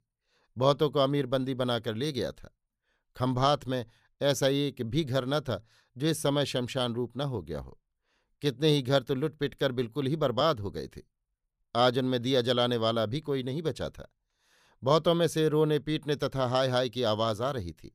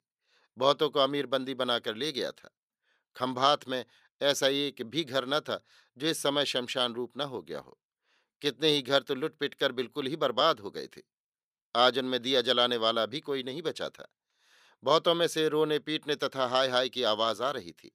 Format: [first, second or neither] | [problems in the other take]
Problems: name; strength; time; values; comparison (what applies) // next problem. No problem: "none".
first | thin; very slightly; fading below 300 Hz